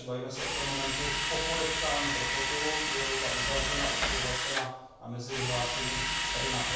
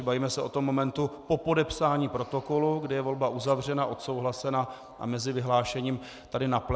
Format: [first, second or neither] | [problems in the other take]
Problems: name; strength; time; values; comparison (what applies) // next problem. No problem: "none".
second | background sound (Drill); 4 dB above the speech // room echo; dies away in 0.6 s